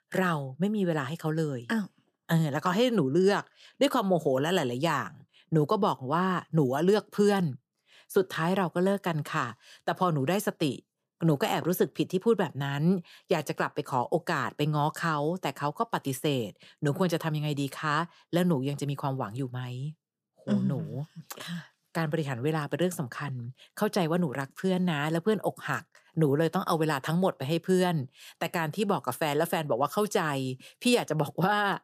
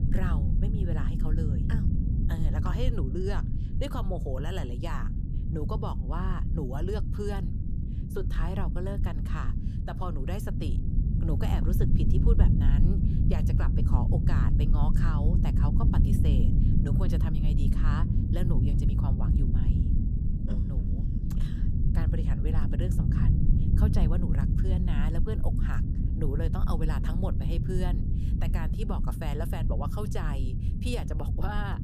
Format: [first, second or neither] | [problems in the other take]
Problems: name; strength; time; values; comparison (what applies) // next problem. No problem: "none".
first | low rumble; loud; throughout; 1 dB below the speech